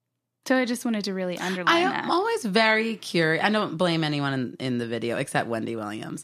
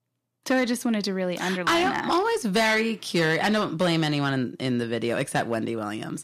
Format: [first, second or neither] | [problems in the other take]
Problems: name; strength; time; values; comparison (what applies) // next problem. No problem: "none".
first | distortion; slight; 6% of the sound clipped